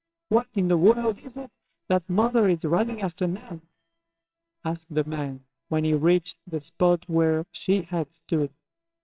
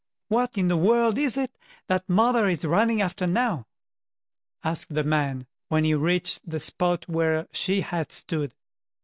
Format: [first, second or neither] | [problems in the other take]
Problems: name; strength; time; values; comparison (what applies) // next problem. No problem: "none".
second | noise reduction (neural separator model SepFormer WHAMR!)